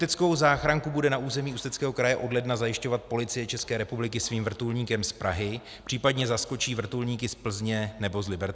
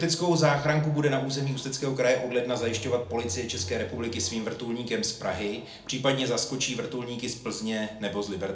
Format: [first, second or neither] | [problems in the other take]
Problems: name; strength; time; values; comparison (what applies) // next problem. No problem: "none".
first | background sound (Bowed string instrument); 11 dB below the speech // room echo; dies away in 0.4 s